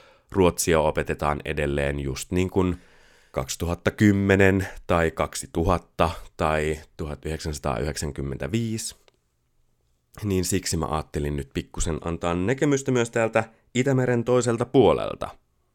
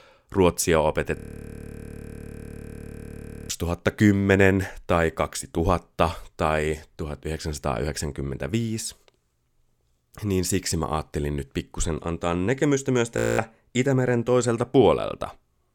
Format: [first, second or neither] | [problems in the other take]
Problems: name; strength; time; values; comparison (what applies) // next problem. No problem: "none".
first | audio freezing; at 1 s for 2.5 s and at 13 s